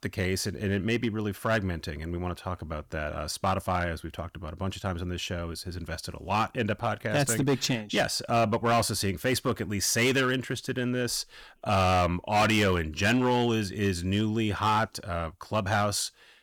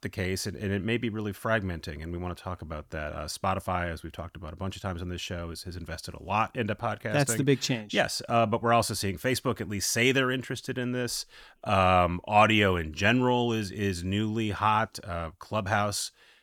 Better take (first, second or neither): second